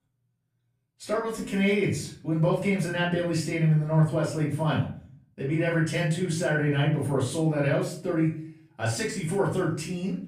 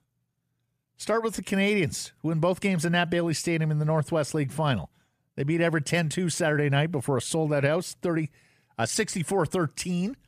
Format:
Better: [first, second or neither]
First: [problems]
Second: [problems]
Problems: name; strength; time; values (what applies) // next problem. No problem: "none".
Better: second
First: off-mic speech; far // room echo; noticeable; dies away in 0.4 s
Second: none